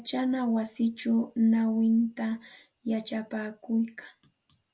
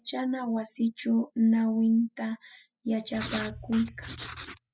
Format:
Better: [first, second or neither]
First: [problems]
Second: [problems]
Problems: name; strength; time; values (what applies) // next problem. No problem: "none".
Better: first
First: none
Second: noise reduction (classical method spectral subtraction)